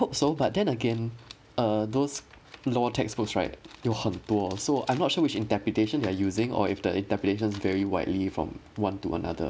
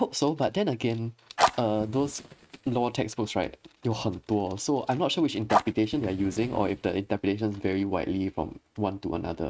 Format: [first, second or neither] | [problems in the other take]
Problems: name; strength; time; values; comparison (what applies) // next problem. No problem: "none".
first | noise reduction (neural mask model RNNoise)